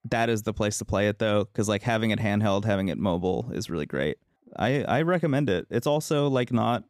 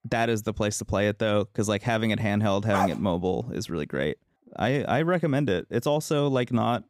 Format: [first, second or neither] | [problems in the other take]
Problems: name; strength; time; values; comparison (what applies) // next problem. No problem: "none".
first | dog barking; noticeable; at 2.5 s; peak 2 dB below the speech